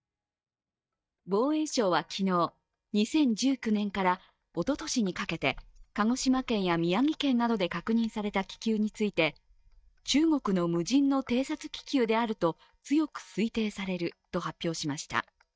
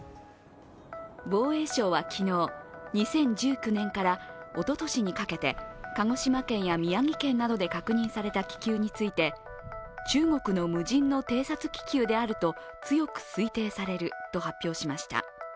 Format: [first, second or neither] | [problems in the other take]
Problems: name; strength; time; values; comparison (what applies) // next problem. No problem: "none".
second | noise reduction (neural mask model DeepFilterNet 3)